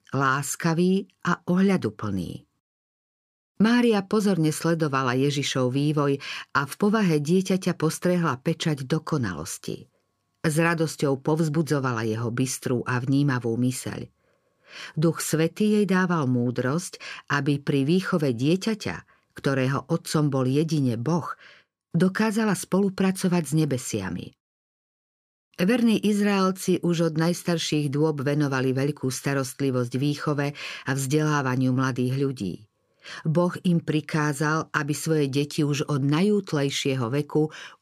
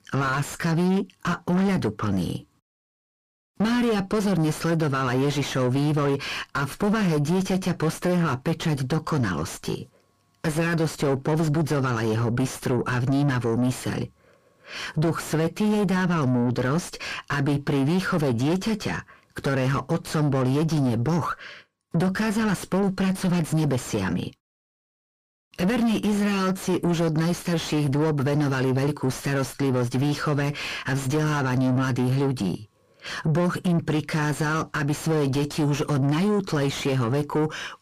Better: first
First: none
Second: distortion; heavy; 7 dB below the speech

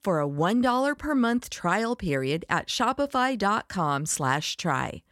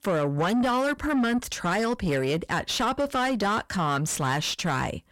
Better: first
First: none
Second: distortion; heavy; 7 dB below the speech

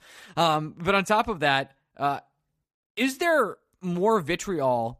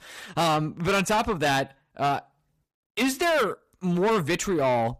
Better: first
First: none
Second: distortion; heavy; 7 dB below the speech

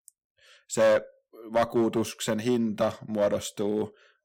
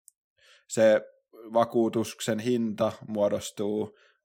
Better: second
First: distortion; slight; 4% of the sound clipped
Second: none

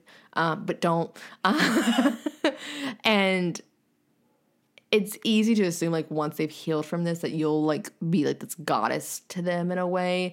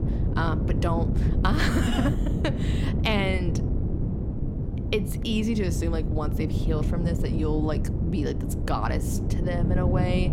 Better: first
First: none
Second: wind noise on the microphone; heavy; 6 dB below the speech

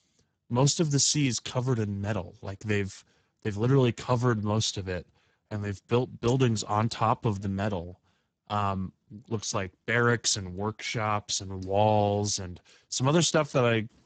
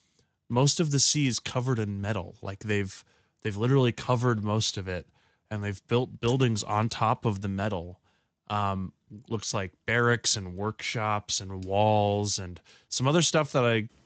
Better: second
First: garbled, watery; badly; nothing above 7.5 kHz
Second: garbled, watery; slightly; nothing above 7.5 kHz

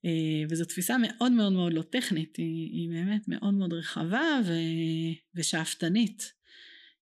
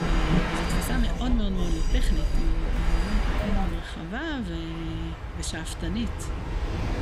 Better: first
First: none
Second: train or aircraft noise; very loud; throughout; 3 dB above the speech

